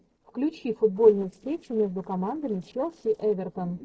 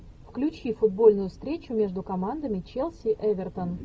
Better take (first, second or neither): second